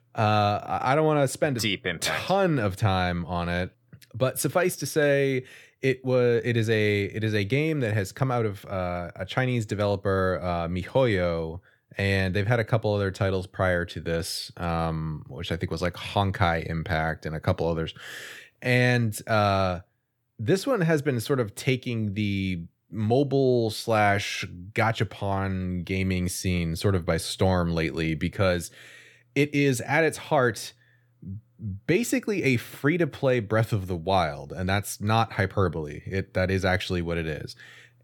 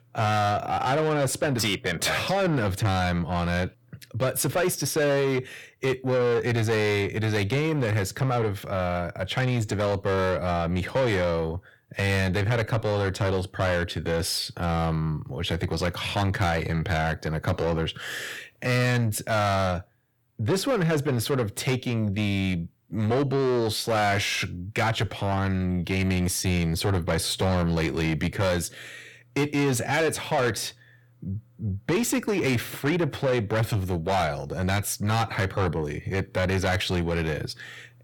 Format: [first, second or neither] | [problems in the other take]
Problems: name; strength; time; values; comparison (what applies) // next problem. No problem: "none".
first | distortion; heavy; 8 dB below the speech